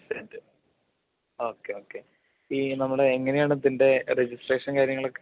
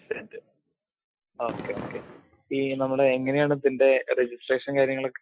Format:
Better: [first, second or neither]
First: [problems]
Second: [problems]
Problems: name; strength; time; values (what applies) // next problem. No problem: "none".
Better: first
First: none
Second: noise reduction (classical method Wiener filter)